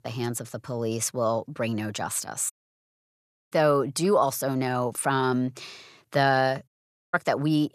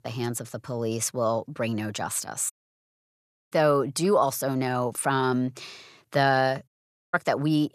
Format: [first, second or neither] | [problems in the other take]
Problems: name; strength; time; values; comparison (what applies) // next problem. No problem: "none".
neither | audio cutting out; at 2.5 s for 1 s and at 6.5 s; the same in both